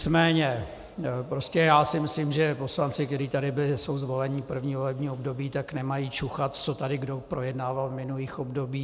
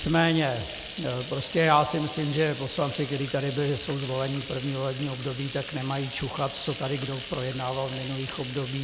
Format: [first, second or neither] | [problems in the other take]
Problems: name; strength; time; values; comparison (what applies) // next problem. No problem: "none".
first | background sound (Bathtub (filling or washing)); 12 dB below the speech